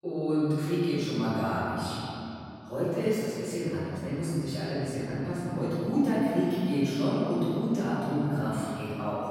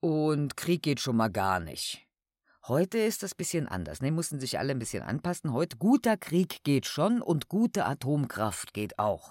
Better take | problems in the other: second | off-mic speech; far // room echo; strong; dies away in 3 s

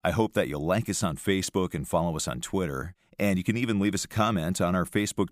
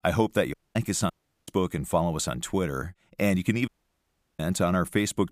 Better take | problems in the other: first | audio cutting out; at 0.5 s, at 1 s and at 3.5 s for 0.5 s

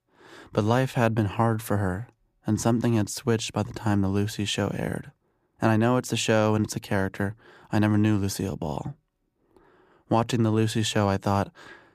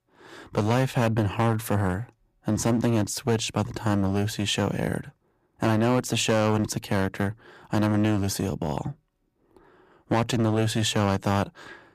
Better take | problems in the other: first | distortion; slight; 6% of the sound clipped

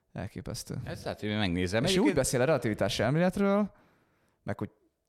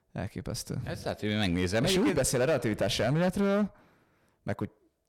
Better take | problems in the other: first | distortion; slight; 7% of the sound clipped

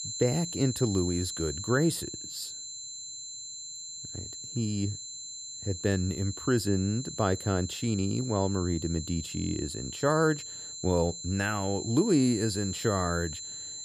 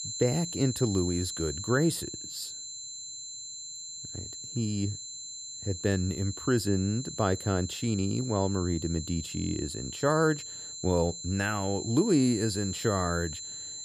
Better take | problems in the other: neither | high-pitched whine; loud; throughout; 7.5 kHz, 8 dB below the speech; the same in both

